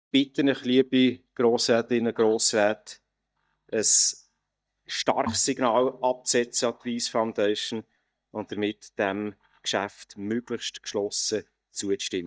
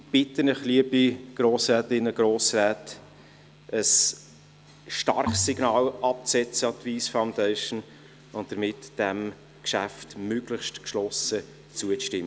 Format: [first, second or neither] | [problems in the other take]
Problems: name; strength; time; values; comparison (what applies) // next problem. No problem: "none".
second | noise reduction (neural mask model DeepFilterNet 3)